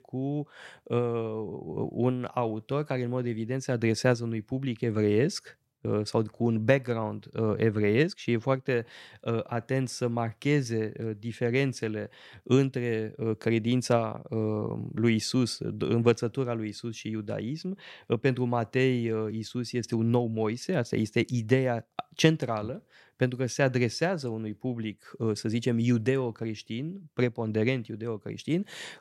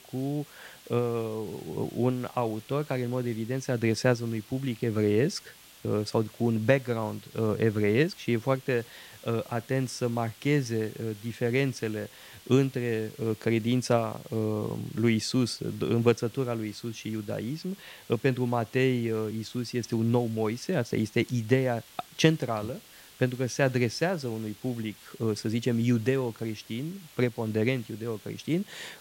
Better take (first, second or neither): first